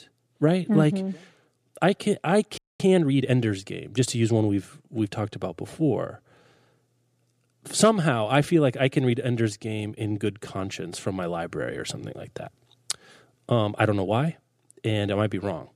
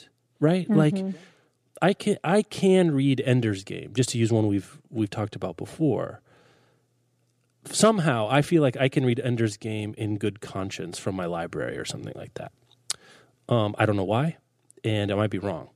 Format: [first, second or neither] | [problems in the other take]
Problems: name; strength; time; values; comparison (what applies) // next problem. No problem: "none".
second | audio freezing; at 2.5 s